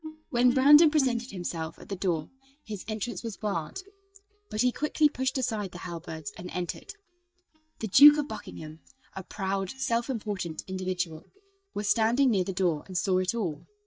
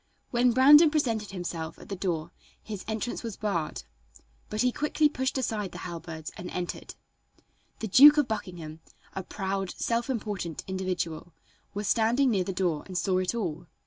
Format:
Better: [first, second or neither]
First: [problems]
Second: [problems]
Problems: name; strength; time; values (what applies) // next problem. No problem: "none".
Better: second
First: noise reduction (neural mask model DeepFilterNet 3)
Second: none